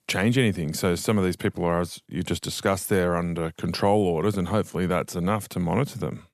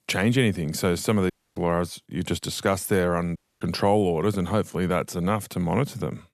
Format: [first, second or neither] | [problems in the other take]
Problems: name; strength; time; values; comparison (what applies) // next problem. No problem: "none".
first | audio cutting out; at 1.5 s and at 3.5 s